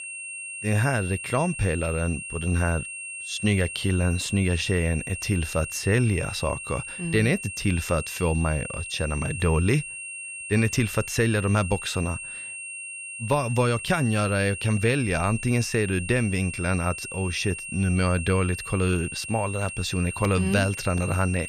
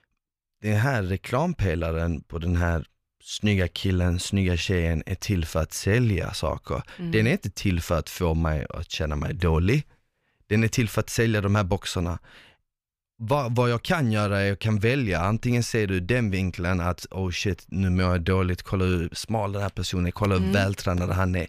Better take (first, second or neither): second